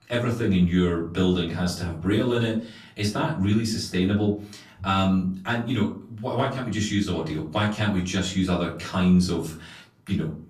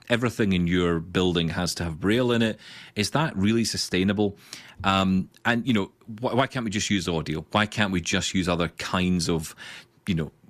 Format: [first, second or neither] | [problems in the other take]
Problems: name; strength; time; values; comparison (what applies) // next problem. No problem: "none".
second | off-mic speech; far // room echo; slight; dies away in 0.4 s